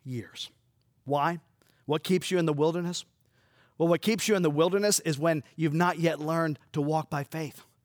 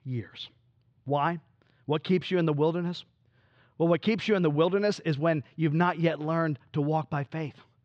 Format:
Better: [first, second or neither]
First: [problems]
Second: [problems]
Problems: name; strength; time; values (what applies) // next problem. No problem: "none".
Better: first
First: none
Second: muffled; slightly; fading above 4 kHz